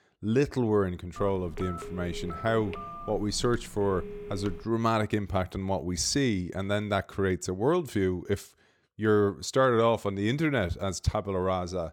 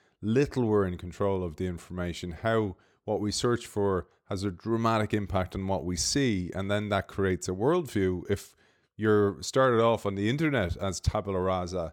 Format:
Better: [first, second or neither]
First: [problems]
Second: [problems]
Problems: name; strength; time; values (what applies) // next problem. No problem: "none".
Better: second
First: phone ringing; faint; from 1 to 4.5 s; peak 10 dB below the speech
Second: none